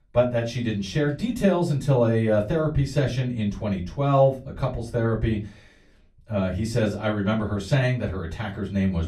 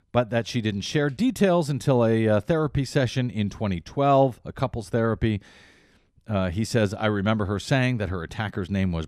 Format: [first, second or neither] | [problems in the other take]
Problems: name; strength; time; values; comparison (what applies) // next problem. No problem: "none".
second | off-mic speech; far // room echo; very slight; dies away in 0.3 s